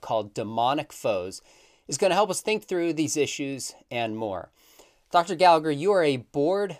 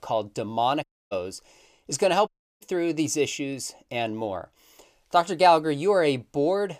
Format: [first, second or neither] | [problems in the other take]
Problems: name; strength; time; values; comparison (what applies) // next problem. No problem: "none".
first | audio cutting out; at 1 s and at 2.5 s